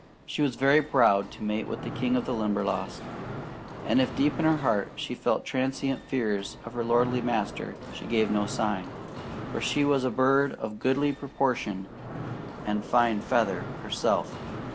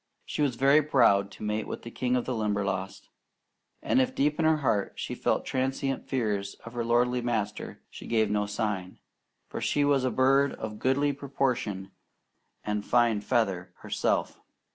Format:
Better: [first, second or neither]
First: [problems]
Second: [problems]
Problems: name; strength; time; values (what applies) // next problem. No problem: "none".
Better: second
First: background sound (Mechanisms); 11 dB below the speech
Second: none